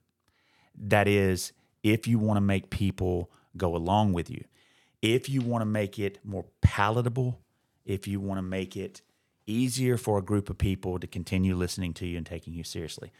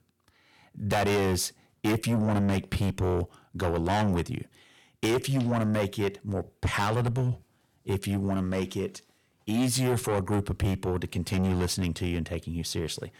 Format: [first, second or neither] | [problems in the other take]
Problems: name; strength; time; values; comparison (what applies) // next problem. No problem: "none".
first | distortion; heavy; 6 dB below the speech